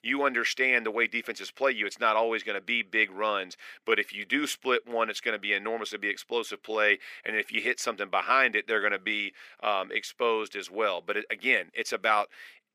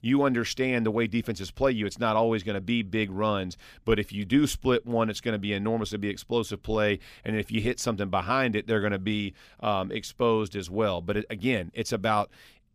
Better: second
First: thin; somewhat; fading below 350 Hz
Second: none

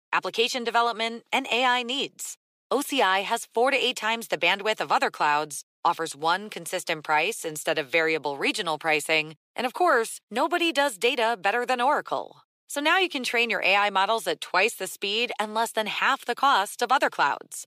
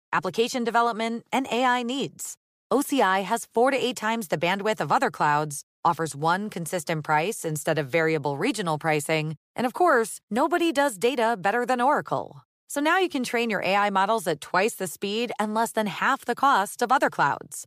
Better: second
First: thin; very slightly; fading below 300 Hz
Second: none

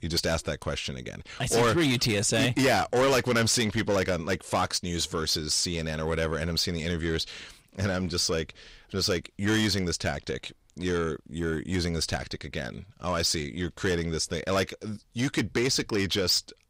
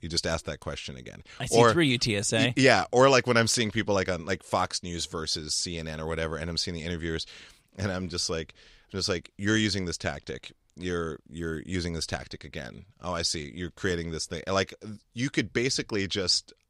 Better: second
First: distortion; heavy; 7 dB below the speech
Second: none

